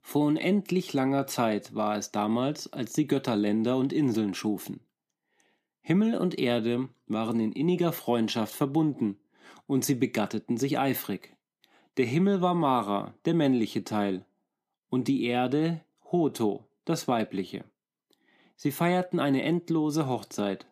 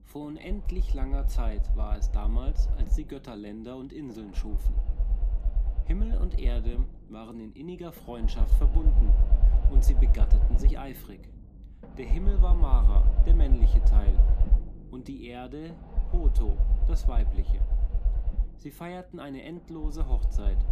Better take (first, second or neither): first